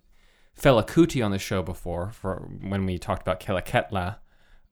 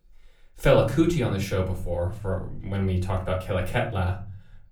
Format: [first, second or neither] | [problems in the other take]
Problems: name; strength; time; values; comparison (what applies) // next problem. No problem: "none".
first | off-mic speech; far // room echo; very slight; dies away in 0.5 s